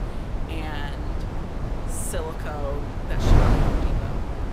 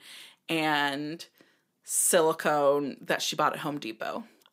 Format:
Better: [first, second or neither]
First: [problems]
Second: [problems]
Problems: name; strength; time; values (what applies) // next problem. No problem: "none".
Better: second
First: wind noise on the microphone; heavy; 3 dB above the speech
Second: none